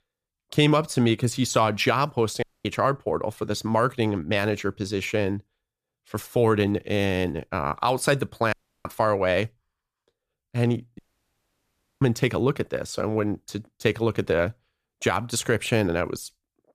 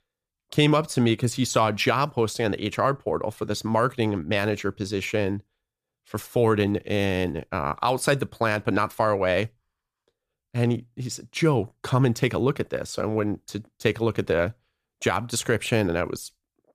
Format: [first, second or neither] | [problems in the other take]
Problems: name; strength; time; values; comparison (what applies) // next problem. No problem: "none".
second | audio cutting out; at 2.5 s, at 8.5 s and at 11 s for 1 s